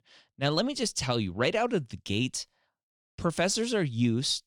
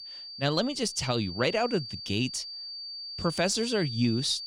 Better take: first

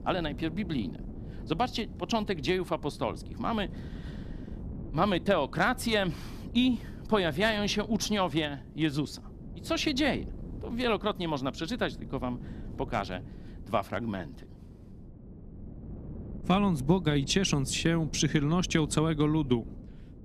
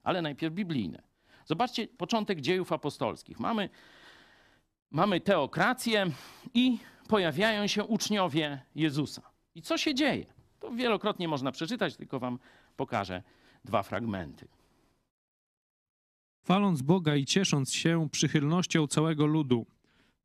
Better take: second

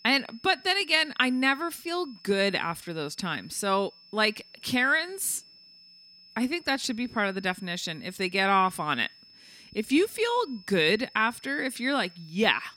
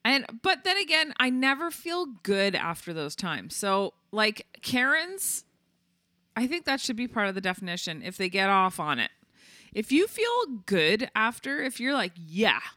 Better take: second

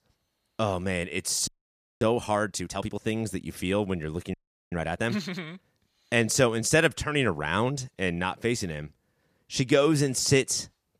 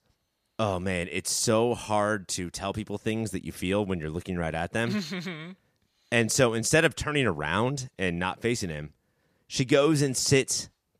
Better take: second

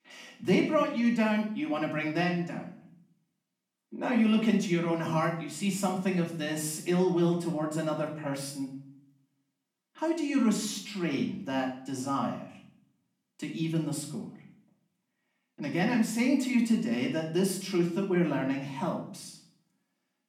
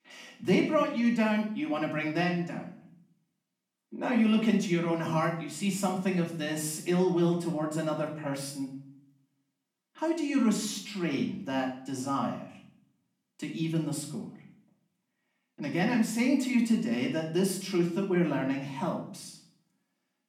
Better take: neither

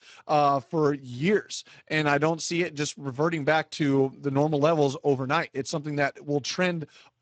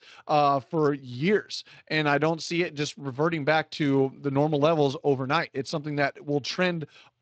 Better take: second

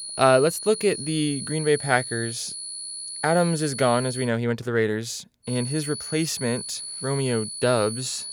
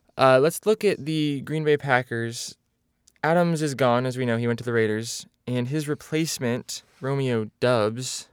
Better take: second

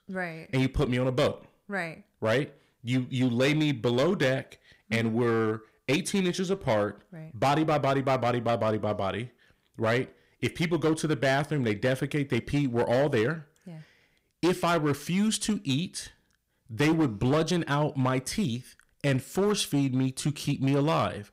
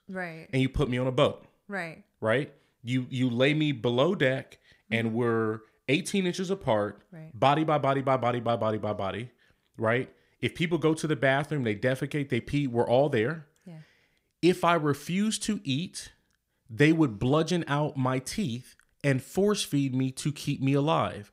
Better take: second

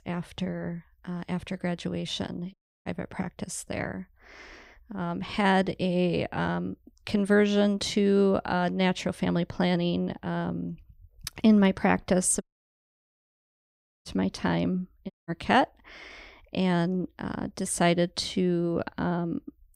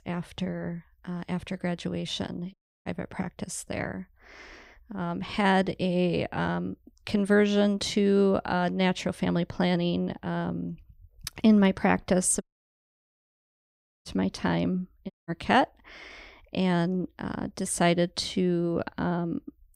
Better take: neither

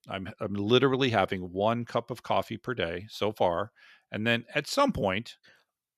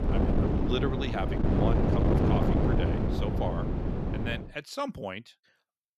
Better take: first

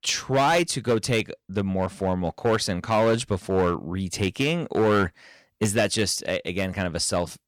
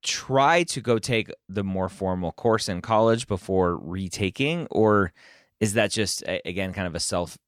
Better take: second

